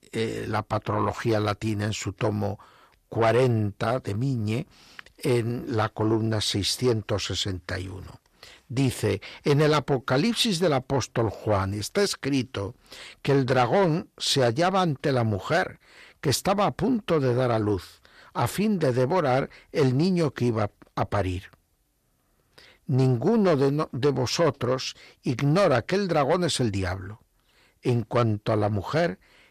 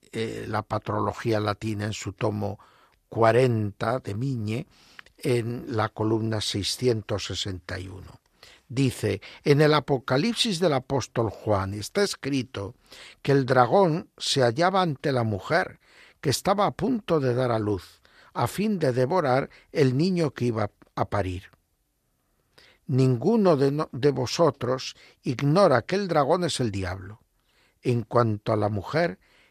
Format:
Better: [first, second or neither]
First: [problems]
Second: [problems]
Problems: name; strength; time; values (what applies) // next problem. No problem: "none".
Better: second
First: distortion; slight; 10 dB below the speech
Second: none